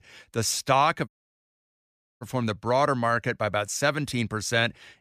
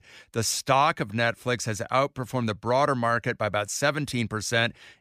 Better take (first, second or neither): second